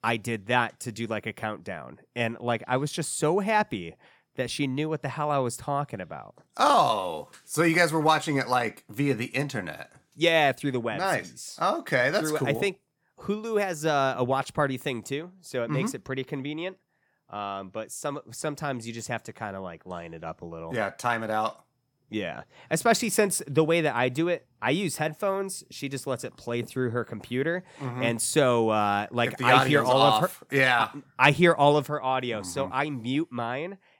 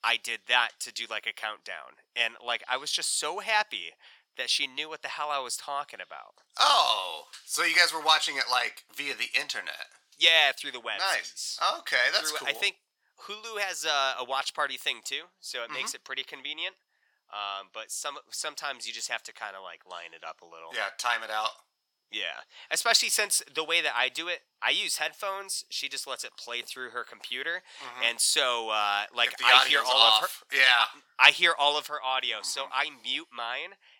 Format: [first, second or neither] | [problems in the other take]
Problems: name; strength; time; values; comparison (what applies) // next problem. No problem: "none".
first | thin; very; fading below 950 Hz